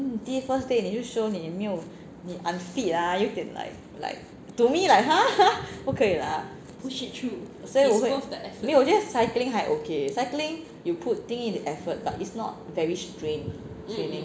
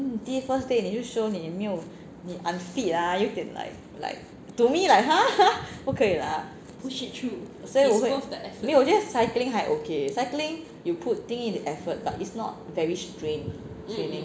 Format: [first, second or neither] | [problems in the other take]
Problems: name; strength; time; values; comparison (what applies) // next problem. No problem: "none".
second | background sound (Bowed string instrument); 18 dB below the speech